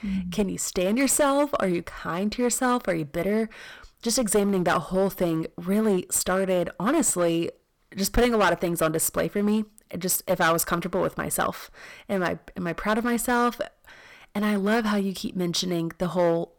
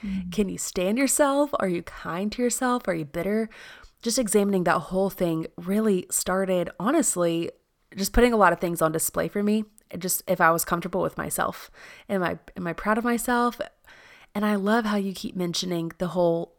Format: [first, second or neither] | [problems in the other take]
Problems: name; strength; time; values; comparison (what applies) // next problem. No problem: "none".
second | distortion; slight; 6% of the sound clipped